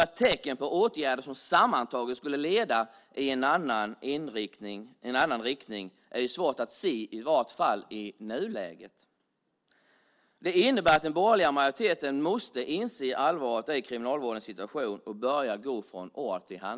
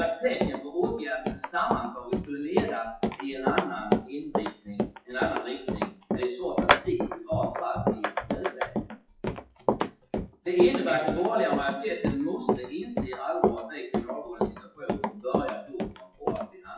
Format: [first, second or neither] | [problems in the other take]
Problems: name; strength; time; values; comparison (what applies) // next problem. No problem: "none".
first | noise reduction (classical method WPE with log-MMSE)